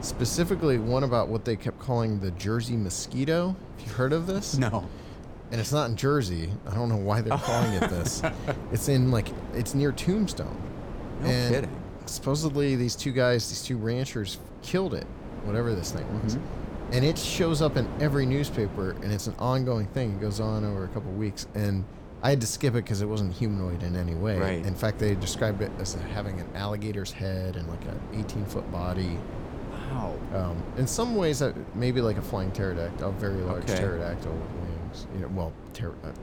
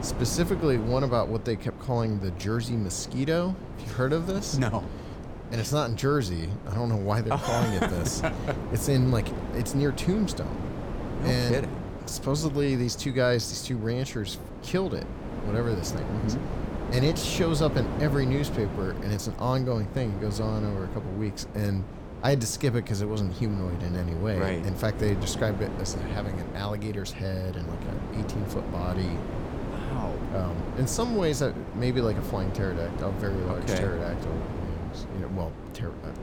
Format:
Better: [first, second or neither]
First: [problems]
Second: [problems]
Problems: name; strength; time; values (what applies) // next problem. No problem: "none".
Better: first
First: wind noise on the microphone; occasional gusts; 10 dB below the speech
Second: wind noise on the microphone; heavy; 8 dB below the speech